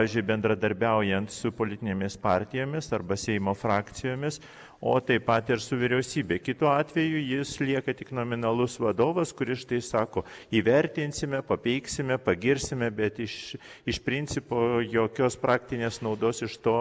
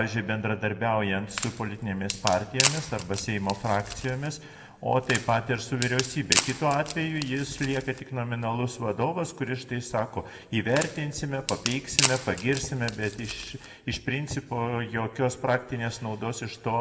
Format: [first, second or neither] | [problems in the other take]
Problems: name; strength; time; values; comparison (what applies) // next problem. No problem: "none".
first | background sound (Wood); 4 dB below the speech // room echo; dies away in 1.4 s